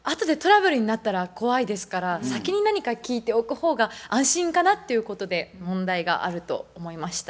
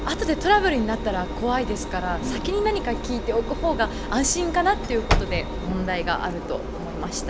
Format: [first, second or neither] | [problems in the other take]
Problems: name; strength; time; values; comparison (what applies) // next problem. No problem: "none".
first | background sound (Engine + Slam / Wood); 3 dB below the speech